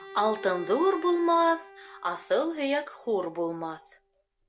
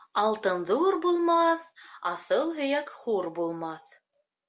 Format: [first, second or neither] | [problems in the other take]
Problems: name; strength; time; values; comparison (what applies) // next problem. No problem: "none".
second | background sound (Bowed string instrument); 18 dB below the speech